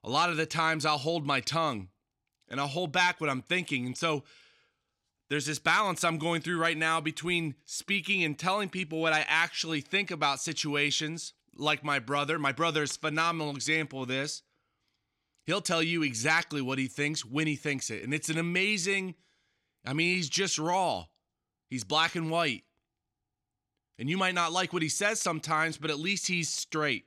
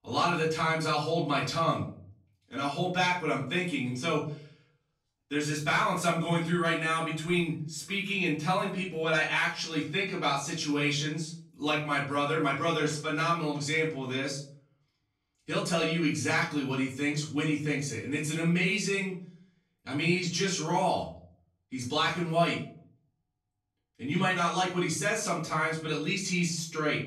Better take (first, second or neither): first